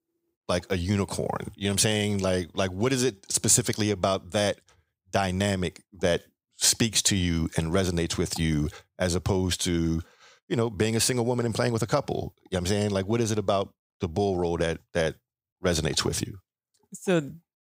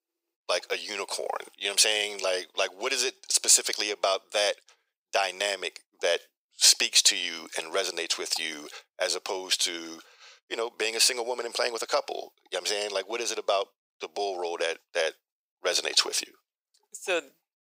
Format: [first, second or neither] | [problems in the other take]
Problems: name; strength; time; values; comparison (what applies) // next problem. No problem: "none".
first | thin; very; fading below 450 Hz